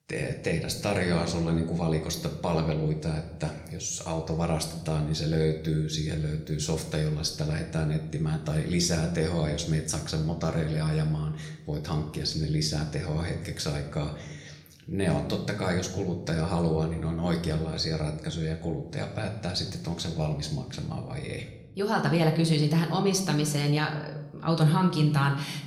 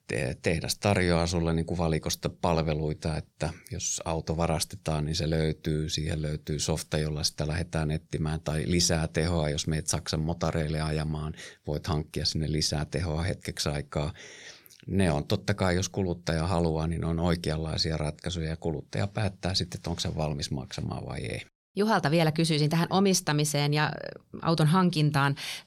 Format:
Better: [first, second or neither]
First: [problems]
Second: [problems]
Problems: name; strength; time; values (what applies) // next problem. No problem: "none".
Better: second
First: room echo; slight; dies away in 0.7 s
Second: none